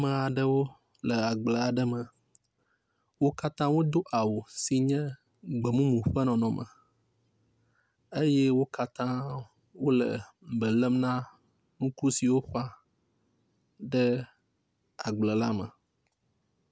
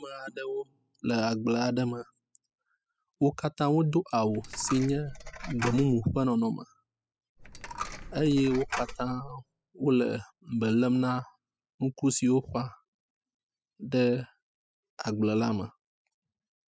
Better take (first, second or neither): first